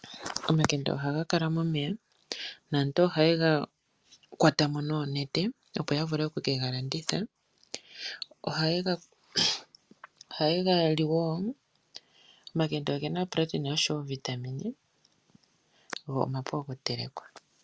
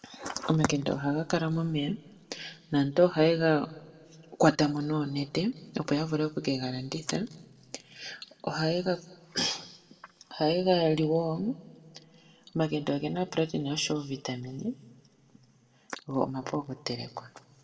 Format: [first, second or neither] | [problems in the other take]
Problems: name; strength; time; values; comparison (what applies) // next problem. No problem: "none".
first | room echo; dies away in 1.2 s